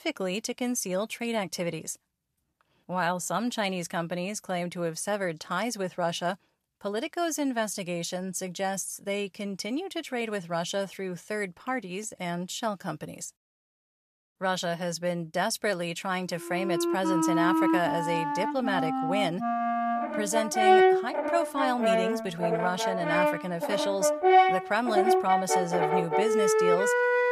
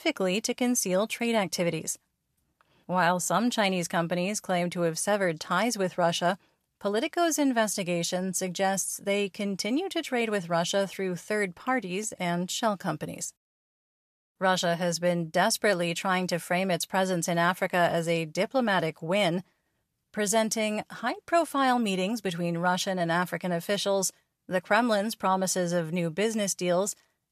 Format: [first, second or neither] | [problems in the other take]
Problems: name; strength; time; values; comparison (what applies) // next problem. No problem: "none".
second | background music; very loud; from 17 s on; 5 dB above the speech